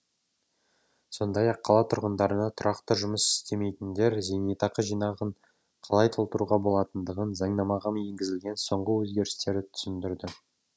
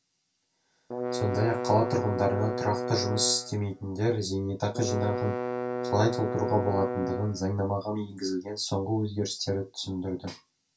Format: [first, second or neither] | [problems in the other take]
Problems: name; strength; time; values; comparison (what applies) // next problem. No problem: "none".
first | background sound (Bowed string instrument); 3 dB below the speech // room echo; dies away in 0.2 s